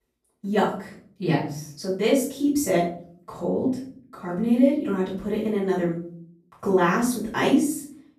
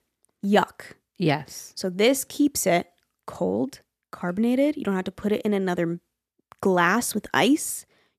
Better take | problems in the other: second | off-mic speech; far // room echo; noticeable; dies away in 0.5 s

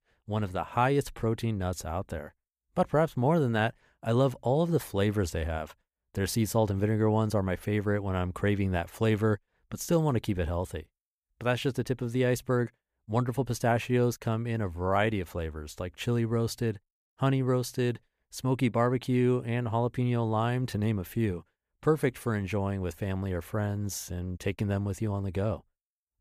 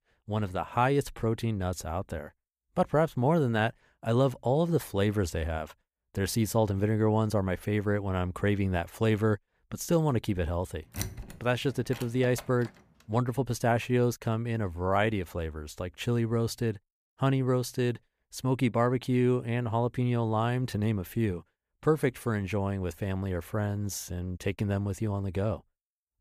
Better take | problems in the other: first | door banging; noticeable; from 11 to 13 s; peak 8 dB below the speech

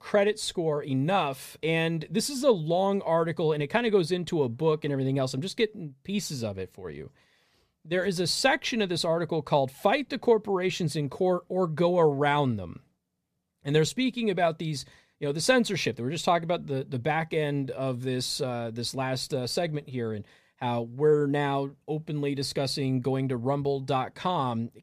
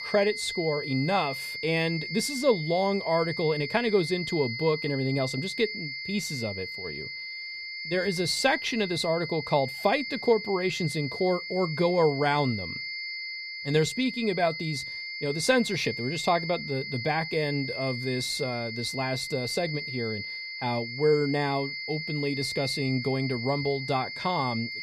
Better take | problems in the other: first | high-pitched whine; loud; throughout; 2 kHz, 6 dB below the speech

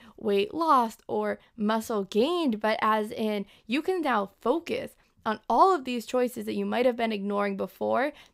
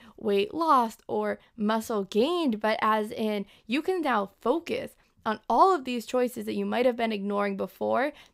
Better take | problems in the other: neither | none

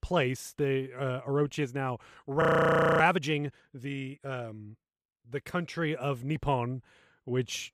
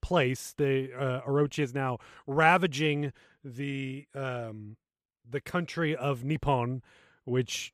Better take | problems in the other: second | audio freezing; at 2.5 s for 0.5 s

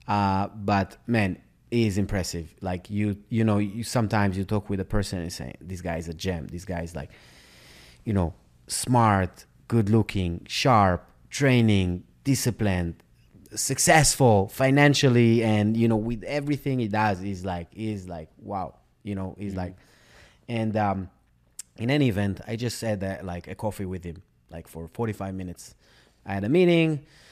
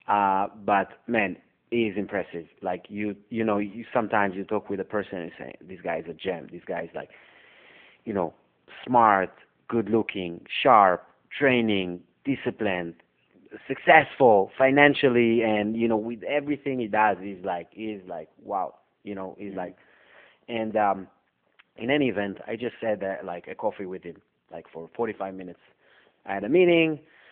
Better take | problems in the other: first | phone-call audio

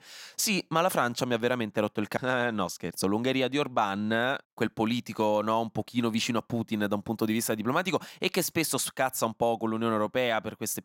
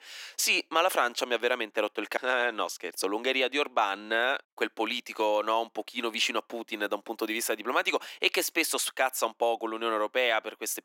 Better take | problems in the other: first | thin; somewhat; fading below 300 Hz

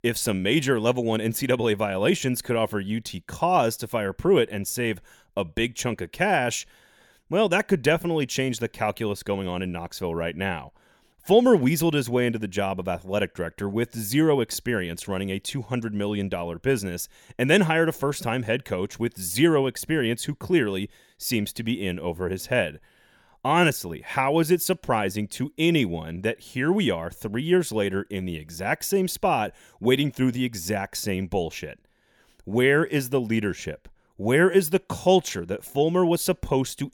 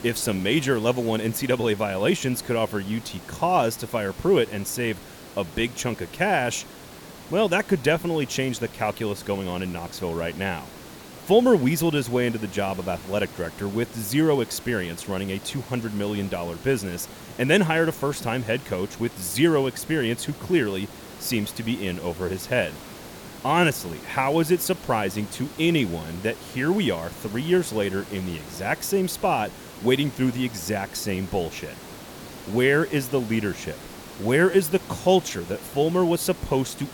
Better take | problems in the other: first | hiss; noticeable; throughout; 15 dB below the speech

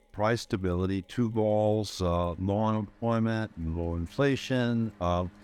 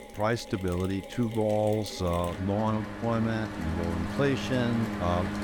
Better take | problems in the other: first | machinery noise; loud; throughout; 7 dB below the speech; faint in the first

